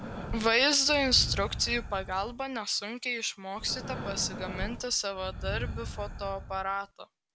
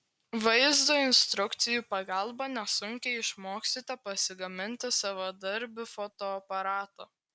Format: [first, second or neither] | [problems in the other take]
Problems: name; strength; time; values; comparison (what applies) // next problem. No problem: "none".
second | background sound (Breathing); 8 dB below the speech